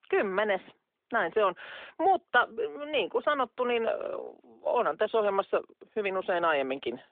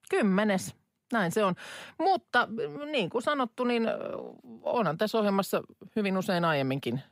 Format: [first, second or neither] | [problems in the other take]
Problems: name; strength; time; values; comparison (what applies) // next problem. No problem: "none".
second | phone-call audio